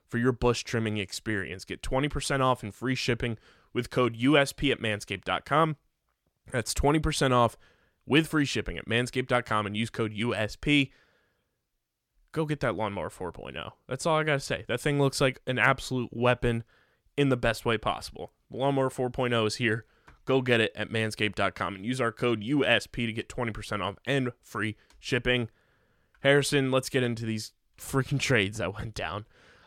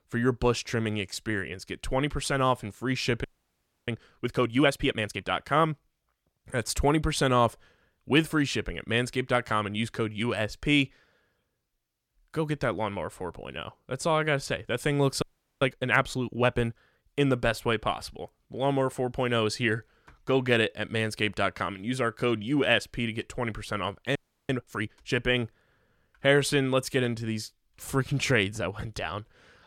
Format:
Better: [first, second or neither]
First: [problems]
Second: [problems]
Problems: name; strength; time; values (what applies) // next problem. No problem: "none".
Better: first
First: none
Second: audio freezing; at 3 s for 0.5 s, at 15 s and at 24 s